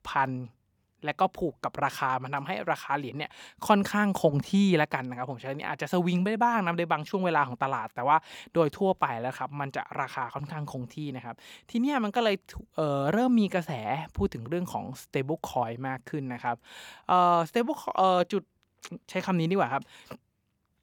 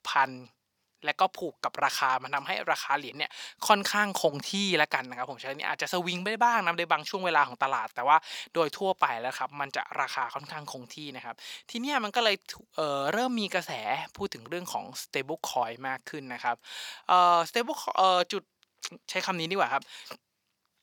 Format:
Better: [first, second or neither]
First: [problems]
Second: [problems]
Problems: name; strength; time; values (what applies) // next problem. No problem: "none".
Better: first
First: none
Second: thin; somewhat; fading below 1 kHz